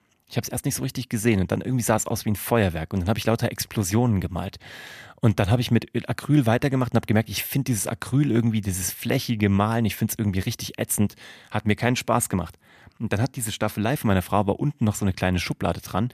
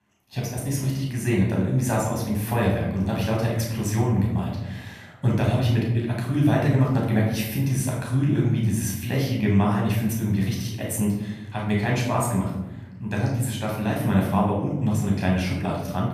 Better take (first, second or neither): first